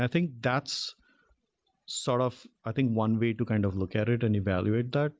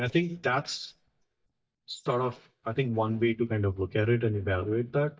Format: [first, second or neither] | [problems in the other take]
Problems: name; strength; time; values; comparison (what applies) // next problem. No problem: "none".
first | noise reduction (neural mask model DeepFilterNet 3)